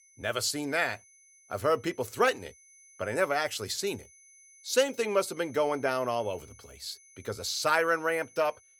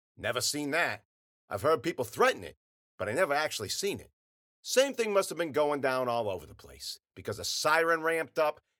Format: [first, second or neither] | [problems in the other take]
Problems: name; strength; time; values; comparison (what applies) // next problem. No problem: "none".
second | high-pitched whine; faint; throughout; 6 kHz, 25 dB below the speech